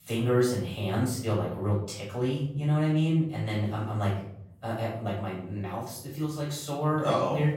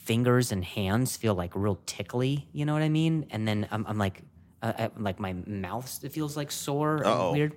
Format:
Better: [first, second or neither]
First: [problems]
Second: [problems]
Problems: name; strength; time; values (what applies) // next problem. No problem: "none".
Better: second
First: off-mic speech; far // room echo; noticeable; dies away in 0.6 s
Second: none